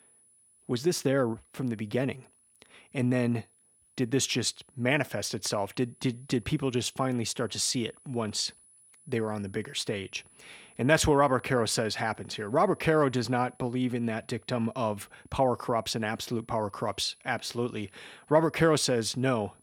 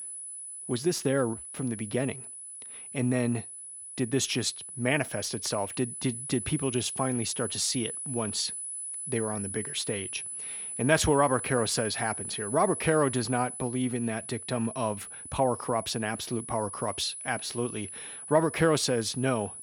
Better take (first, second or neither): first